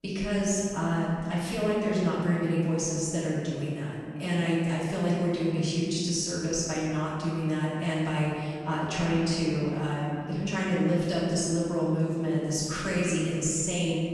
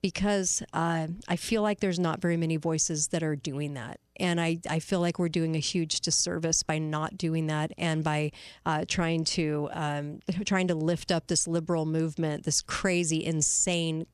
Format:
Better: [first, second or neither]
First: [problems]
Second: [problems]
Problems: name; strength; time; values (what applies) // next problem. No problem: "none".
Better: second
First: room echo; strong; dies away in 2.2 s // off-mic speech; far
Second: none